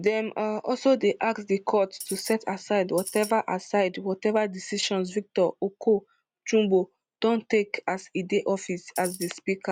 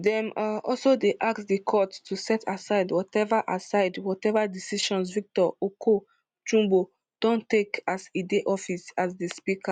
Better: second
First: background sound (Tambourine); 11 dB below the speech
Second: none

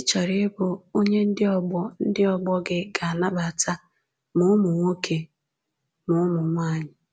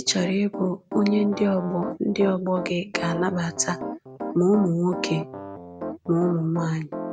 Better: first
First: none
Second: background sound (Piano); 9 dB below the speech

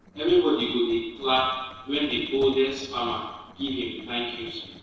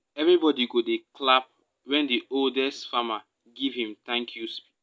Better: second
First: noise reduction (neural separator model SepFormer DNS4)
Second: none

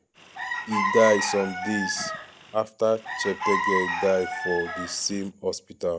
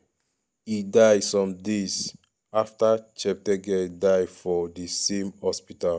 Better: second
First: background sound (Chicken, rooster); 3 dB below the speech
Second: none

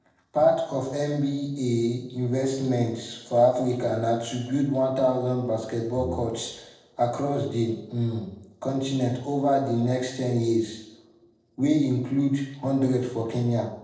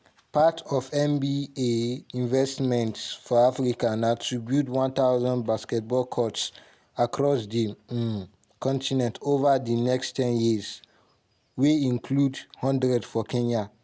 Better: second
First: noise reduction (neural separator model SepFormer DNS4)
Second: none

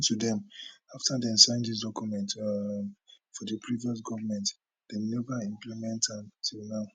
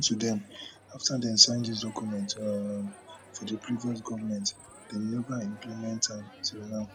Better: first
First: none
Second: background sound (Crowd); 20 dB below the speech

